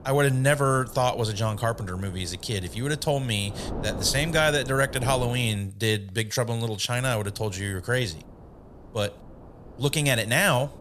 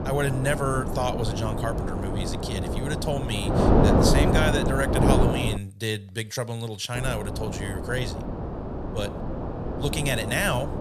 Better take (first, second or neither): first